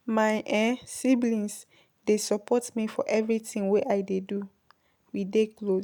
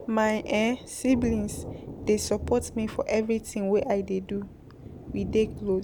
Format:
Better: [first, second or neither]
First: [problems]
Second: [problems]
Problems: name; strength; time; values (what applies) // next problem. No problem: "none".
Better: first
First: none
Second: background sound (Thunder); 12 dB below the speech